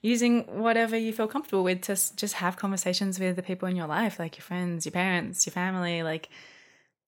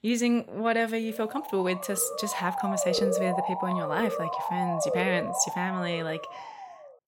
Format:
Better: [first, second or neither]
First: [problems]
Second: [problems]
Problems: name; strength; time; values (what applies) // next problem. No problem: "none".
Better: first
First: none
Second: siren; loud; from 1 s on; peak 2 dB above the speech